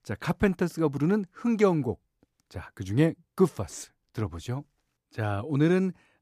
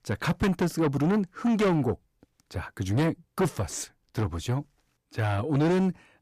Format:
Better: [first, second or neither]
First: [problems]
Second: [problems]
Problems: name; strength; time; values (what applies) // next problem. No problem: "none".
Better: first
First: none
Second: distortion; heavy; 6 dB below the speech